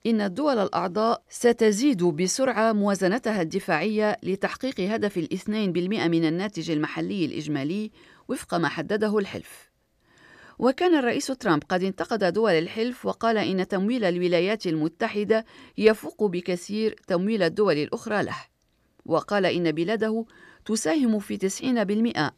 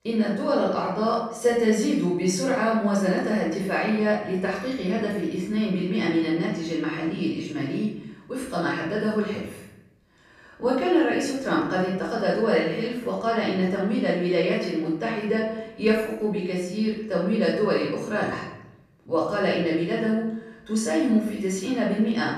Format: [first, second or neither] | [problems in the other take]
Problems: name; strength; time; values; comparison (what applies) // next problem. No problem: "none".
first | room echo; noticeable; dies away in 0.8 s // off-mic speech; far